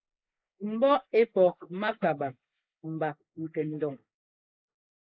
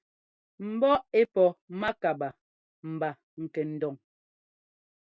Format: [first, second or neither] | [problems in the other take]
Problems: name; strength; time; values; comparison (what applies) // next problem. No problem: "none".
second | noise reduction (neural mask model Resemble Enhance denoiser)